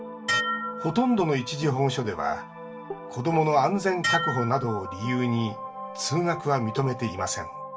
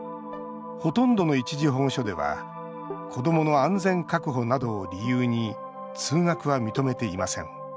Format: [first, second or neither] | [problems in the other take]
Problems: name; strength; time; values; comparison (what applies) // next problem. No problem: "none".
second | background sound (Dishes, pots, and pans); 8 dB below the speech // room echo; dies away in 0.2 s